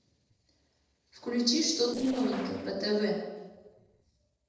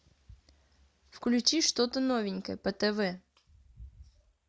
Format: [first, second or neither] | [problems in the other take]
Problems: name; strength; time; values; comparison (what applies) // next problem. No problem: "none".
second | noise reduction (neural separator model SepFormer DNS4)